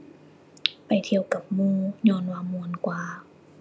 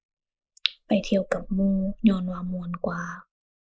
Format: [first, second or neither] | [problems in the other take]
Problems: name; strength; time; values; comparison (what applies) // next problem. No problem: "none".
first | noise reduction (neural mask model Resemble Enhance denoiser)